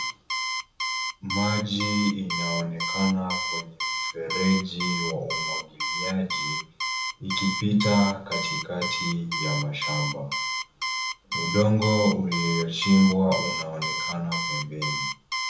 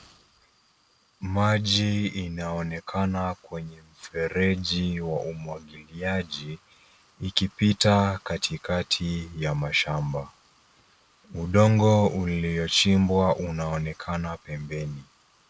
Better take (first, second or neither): second